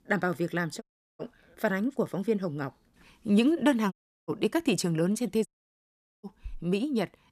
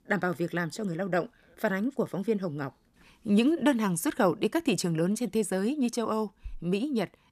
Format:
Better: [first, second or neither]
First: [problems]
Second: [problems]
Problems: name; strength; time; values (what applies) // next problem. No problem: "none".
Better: second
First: audio cutting out; at 1 s, at 4 s and at 5.5 s for 1 s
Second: none